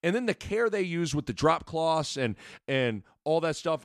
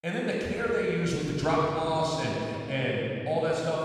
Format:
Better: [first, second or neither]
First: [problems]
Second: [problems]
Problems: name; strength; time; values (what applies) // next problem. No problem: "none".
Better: first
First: none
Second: off-mic speech; far // room echo; strong; dies away in 2.4 s